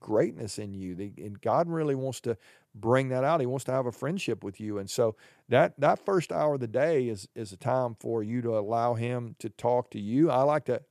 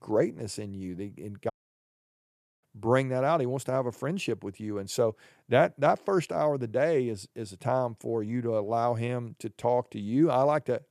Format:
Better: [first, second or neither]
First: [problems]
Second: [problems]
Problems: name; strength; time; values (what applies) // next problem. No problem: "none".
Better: first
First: none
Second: audio cutting out; at 1.5 s for 1 s